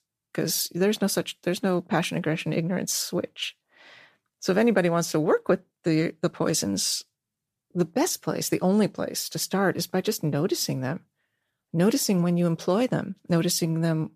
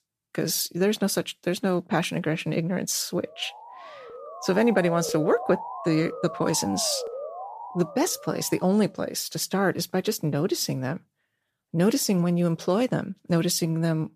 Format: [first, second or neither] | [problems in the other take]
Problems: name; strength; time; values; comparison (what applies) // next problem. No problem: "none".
first | siren; noticeable; from 3.5 to 9 s; peak 7 dB below the speech